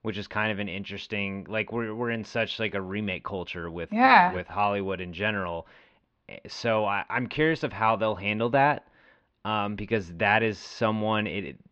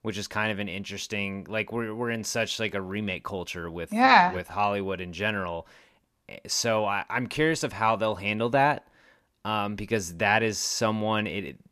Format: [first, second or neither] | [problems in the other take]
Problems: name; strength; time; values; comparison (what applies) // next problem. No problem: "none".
second | muffled; slightly; fading above 3.5 kHz